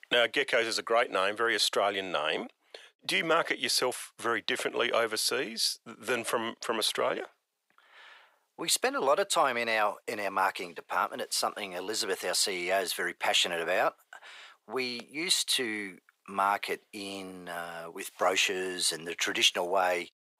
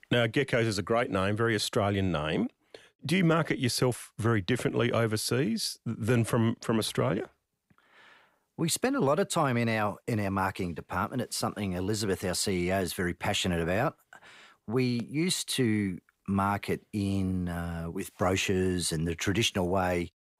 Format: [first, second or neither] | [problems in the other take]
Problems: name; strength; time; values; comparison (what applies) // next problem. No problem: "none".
second | thin; very; fading below 600 Hz